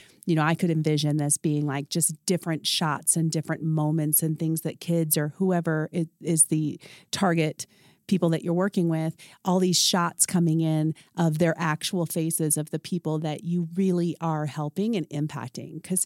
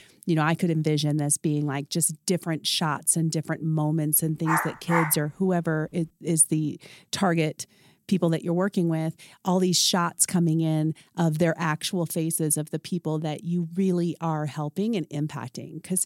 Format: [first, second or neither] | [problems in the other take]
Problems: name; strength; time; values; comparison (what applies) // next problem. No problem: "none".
first | dog barking; noticeable; at 4.5 s; peak 2 dB below the speech